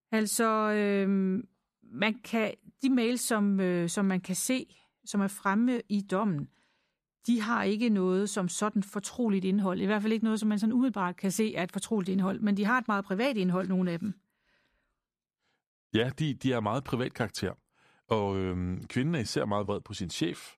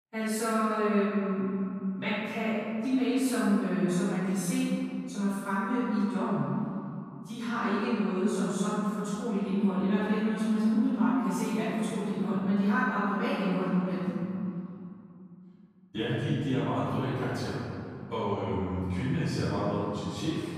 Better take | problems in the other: first | off-mic speech; far // room echo; strong; dies away in 2.7 s

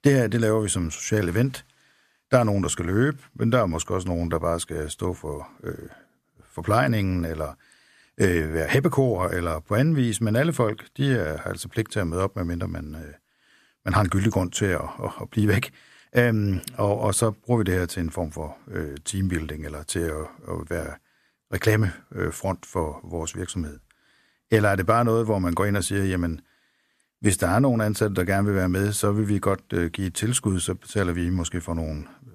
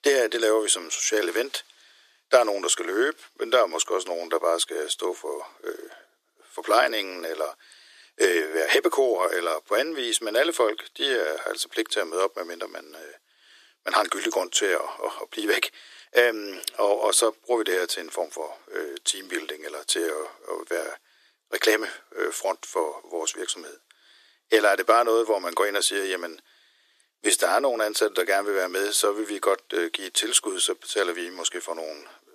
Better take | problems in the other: first | thin; very; fading below 350 Hz

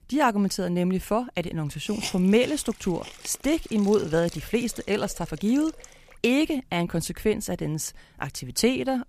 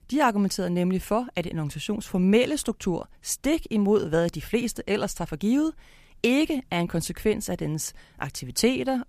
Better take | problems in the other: second | hiss; noticeable; from 1.5 to 6 s; 15 dB below the speech

